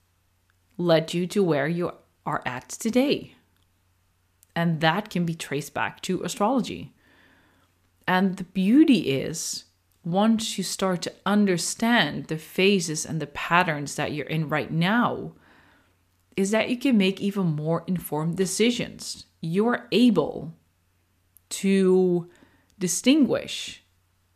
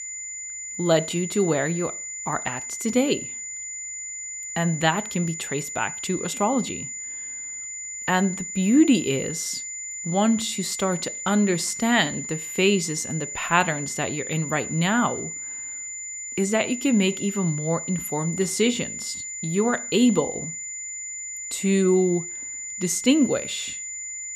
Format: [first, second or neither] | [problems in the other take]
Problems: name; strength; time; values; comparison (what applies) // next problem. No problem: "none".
first | high-pitched whine; loud; throughout; 7 kHz, 7 dB below the speech